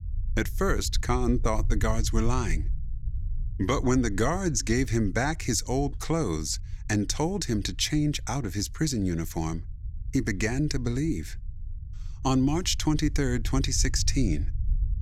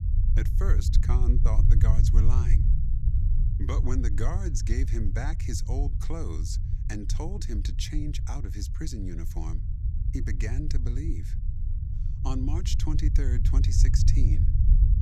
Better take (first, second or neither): first